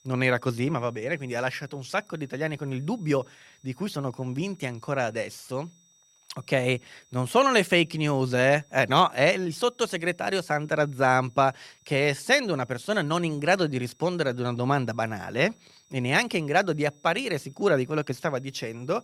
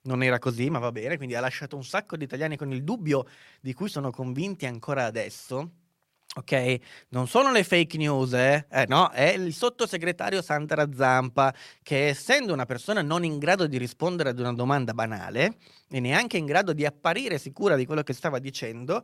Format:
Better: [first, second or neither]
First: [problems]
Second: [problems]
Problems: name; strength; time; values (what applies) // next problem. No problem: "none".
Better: second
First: high-pitched whine; faint; throughout; 6 kHz, 35 dB below the speech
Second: none